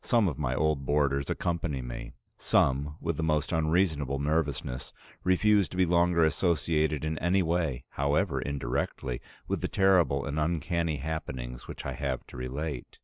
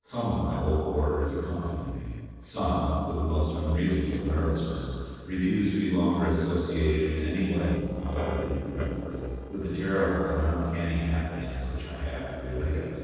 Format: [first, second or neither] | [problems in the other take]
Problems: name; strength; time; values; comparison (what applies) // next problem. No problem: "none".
first | noise reduction (neural separator model SepFormer DNS4)